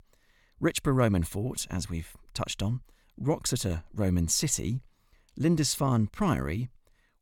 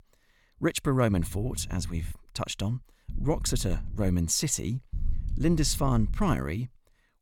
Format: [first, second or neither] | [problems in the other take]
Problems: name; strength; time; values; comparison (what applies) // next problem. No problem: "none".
first | low rumble; faint; from 1 to 2 s, from 3 to 4 s and from 5 to 6.5 s; 25 dB below the speech